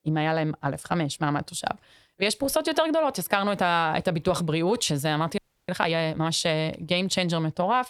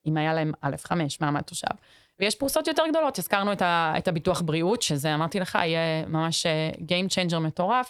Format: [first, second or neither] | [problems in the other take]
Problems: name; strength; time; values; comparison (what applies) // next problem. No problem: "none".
second | audio freezing; at 5.5 s